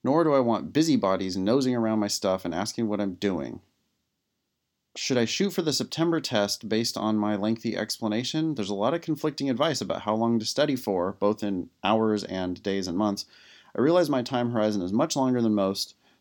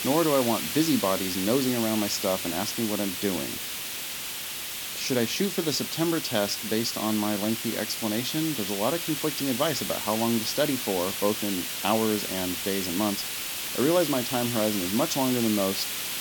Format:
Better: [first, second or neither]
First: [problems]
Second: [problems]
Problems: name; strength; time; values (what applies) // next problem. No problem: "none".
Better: first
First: none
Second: hiss; loud; throughout; 2 dB below the speech